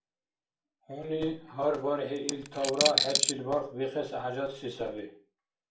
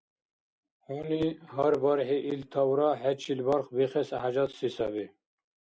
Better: second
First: background sound (Coin (dropping)); 4 dB above the speech // room echo; dies away in 0.4 s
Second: none

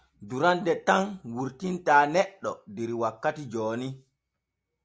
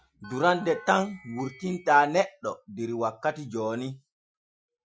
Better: first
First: none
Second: noise reduction (classical method Wiener filter)

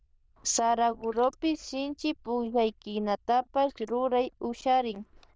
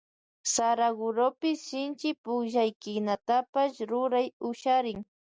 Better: second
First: noise reduction (neural diffusion model UNIVERSE++)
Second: none

